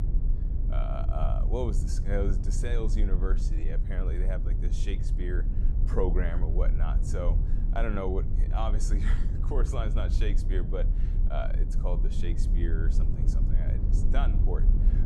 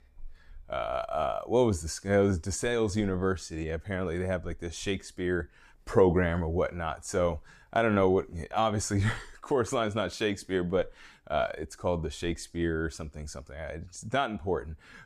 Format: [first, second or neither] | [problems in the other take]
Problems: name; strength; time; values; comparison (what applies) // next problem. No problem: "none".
second | low rumble; loud; throughout; 8 dB below the speech